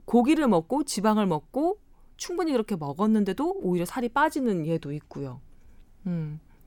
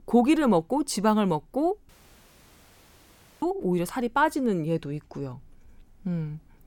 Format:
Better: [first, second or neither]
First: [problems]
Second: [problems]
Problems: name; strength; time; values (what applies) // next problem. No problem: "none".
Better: first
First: none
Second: audio cutting out; at 2 s for 1.5 s